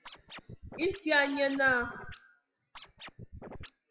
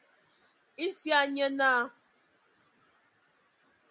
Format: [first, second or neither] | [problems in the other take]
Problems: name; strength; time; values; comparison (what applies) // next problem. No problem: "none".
second | noise reduction (classical method WPE with log-MMSE)